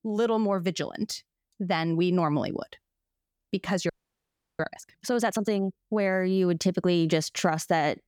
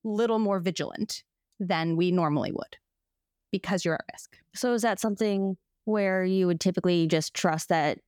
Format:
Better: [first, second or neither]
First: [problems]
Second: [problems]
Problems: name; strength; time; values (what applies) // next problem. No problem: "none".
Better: second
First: audio freezing; at 4 s for 0.5 s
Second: none